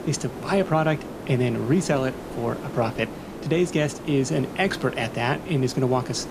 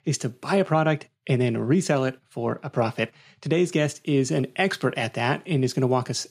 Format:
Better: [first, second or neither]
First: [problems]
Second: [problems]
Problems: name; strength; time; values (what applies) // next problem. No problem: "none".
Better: second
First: hiss; noticeable; throughout; 10 dB below the speech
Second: none